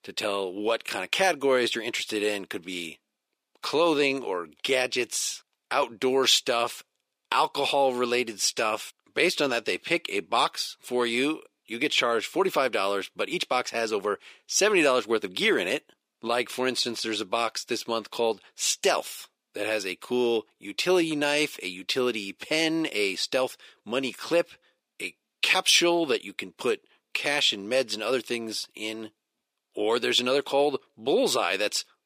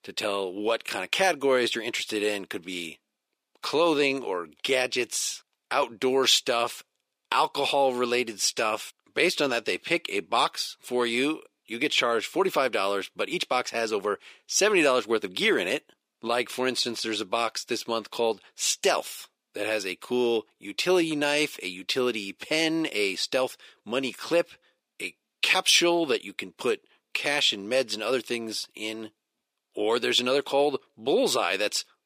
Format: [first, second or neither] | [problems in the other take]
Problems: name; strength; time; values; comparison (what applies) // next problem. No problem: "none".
neither | thin; very slightly; fading below 300 Hz; the same in both